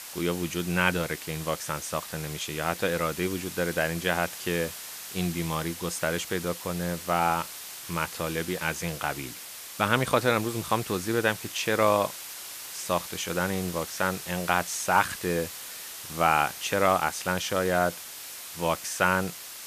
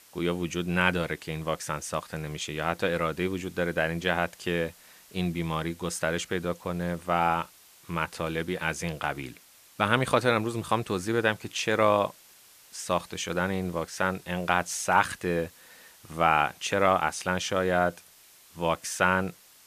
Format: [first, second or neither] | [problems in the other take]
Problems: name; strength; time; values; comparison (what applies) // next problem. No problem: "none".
second | hiss; loud; throughout; 10 dB below the speech; faint in the second